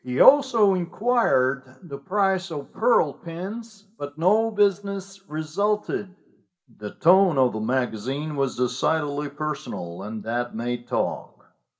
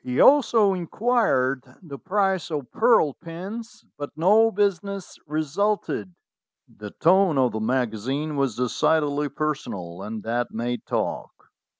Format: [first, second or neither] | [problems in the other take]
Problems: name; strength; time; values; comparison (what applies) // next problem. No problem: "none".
second | room echo; dies away in 0.8 s